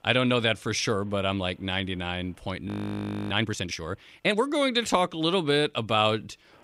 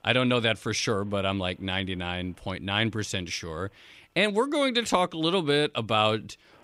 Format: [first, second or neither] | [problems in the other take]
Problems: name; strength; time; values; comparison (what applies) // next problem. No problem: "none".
second | audio freezing; at 2.5 s for 0.5 s